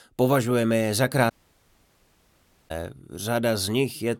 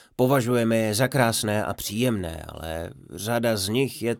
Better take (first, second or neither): second